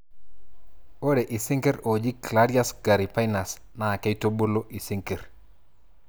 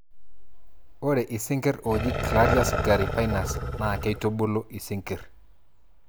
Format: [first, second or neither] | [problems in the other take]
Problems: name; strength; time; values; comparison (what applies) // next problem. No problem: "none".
first | background sound (Growling); 4 dB below the speech